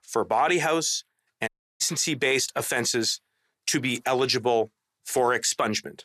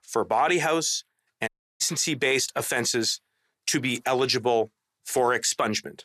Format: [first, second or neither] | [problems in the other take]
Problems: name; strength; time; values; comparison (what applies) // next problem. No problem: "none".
neither | audio cutting out; at 1.5 s; the same in both